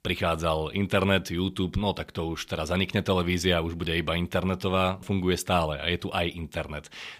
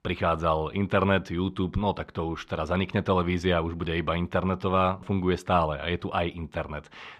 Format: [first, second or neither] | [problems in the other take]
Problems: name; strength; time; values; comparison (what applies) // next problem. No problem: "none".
first | muffled; slightly; fading above 1.5 kHz